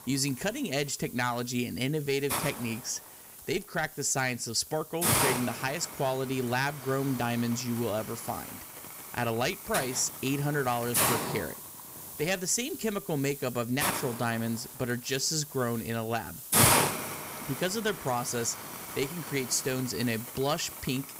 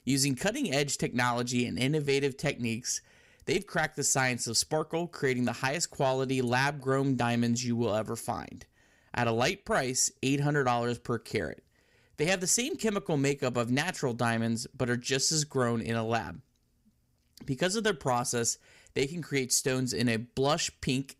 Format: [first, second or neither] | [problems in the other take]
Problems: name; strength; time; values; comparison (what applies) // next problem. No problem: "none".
second | hiss; loud; throughout; 2 dB below the speech